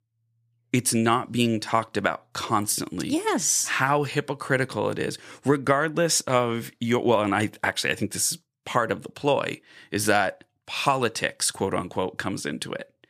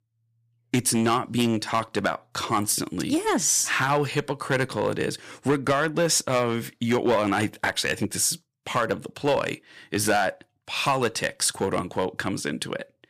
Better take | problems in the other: first | distortion; slight; 3% of the sound clipped

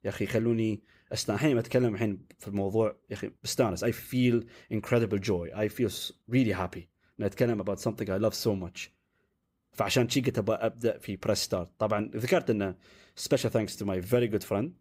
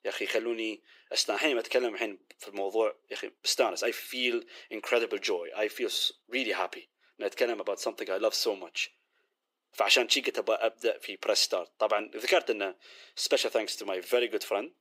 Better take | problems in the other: first | thin; very; fading below 350 Hz

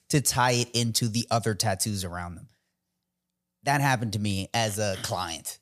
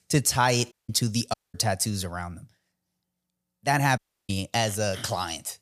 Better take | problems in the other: first | audio cutting out; at 0.5 s, at 1.5 s and at 4 s

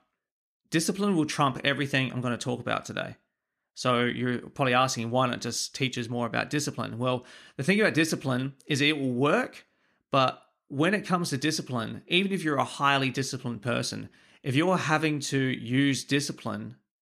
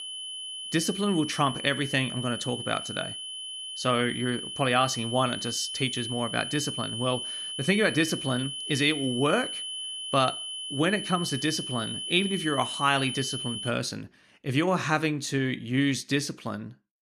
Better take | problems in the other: first | high-pitched whine; loud; until 14 s; 3 kHz, 6 dB below the speech

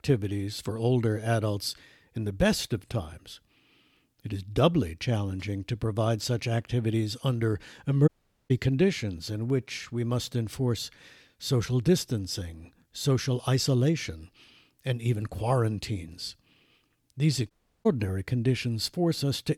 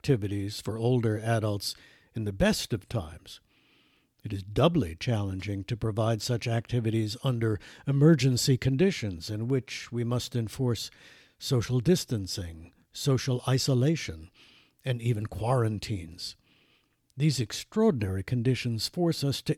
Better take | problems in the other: second | audio cutting out; at 8 s and at 18 s

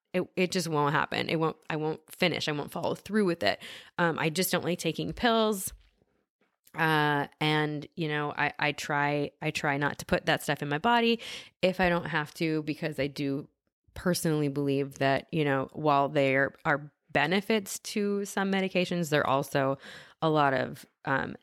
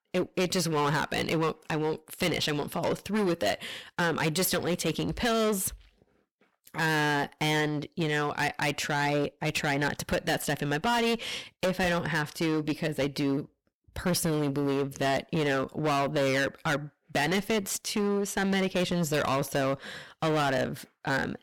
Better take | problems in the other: first | distortion; heavy; 17% of the sound clipped

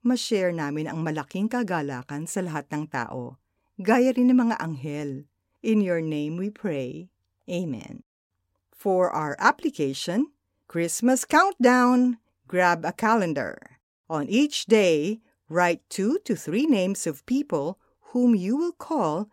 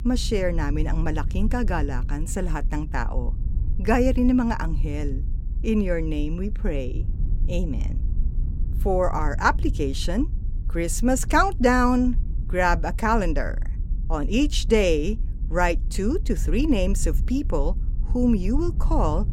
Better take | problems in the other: first | low rumble; faint; throughout; 20 dB below the speech

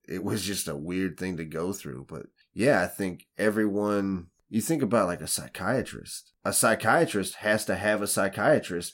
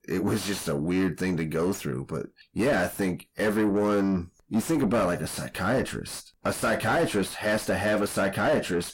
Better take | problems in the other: first | distortion; heavy; 5 dB below the speech

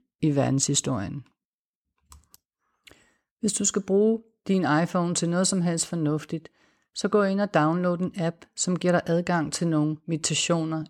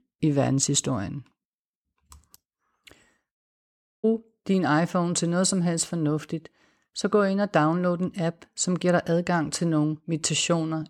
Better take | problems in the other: first | audio cutting out; at 3.5 s for 0.5 s

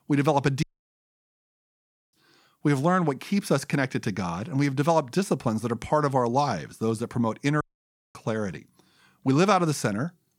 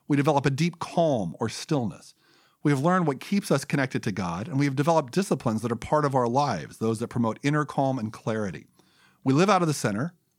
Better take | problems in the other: second | audio cutting out; at 0.5 s for 1.5 s and at 7.5 s for 0.5 s

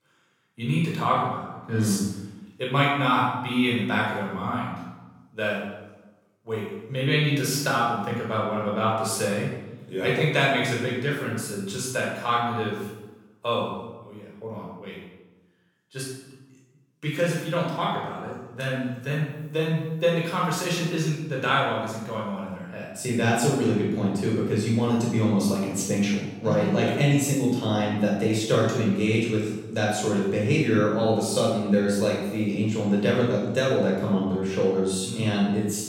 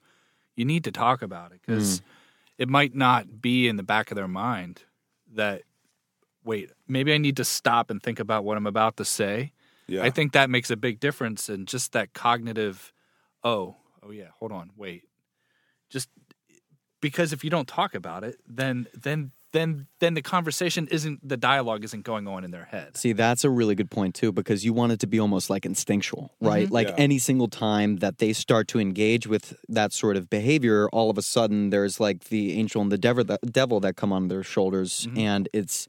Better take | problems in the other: second | off-mic speech; far // room echo; noticeable; dies away in 0.9 s

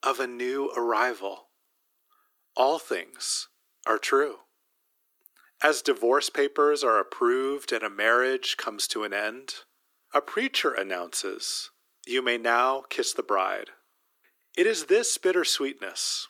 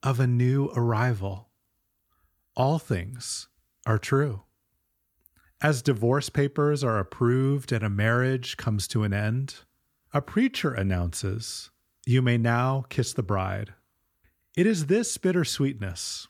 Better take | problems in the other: second | thin; very; fading below 350 Hz

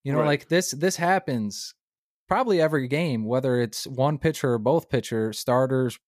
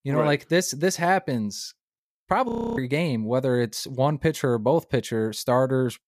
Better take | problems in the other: first | audio freezing; at 2.5 s

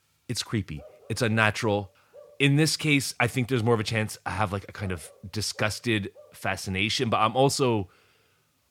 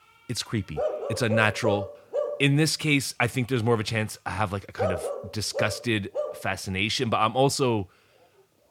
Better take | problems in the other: first | animal sounds; loud; throughout; 6 dB below the speech; faint in the first

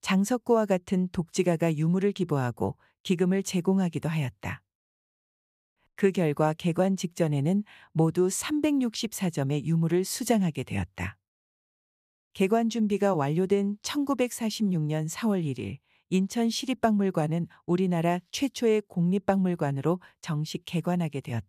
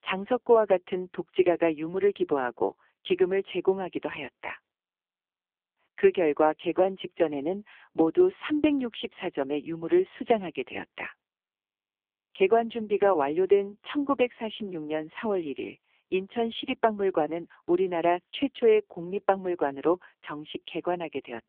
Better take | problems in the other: first | phone-call audio; poor line; nothing above 3.5 kHz

